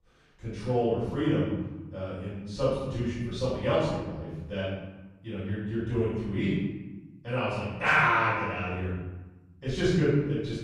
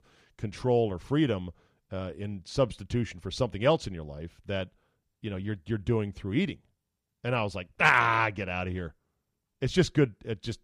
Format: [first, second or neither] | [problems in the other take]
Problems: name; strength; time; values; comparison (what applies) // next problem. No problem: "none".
second | room echo; strong; dies away in 1 s // off-mic speech; far